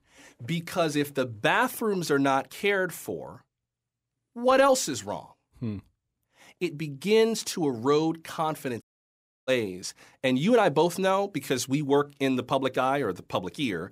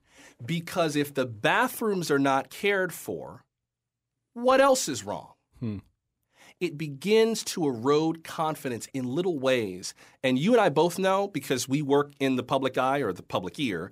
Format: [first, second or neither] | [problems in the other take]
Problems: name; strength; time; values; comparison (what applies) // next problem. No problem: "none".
second | audio cutting out; at 9 s for 0.5 s